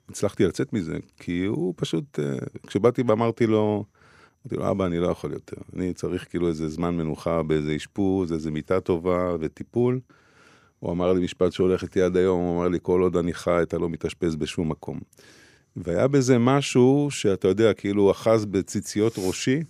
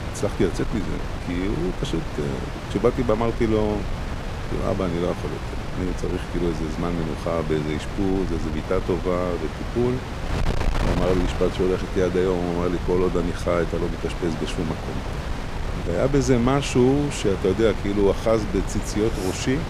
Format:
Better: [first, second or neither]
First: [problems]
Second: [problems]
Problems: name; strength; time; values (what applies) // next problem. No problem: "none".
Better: first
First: none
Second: wind noise on the microphone; heavy; 7 dB below the speech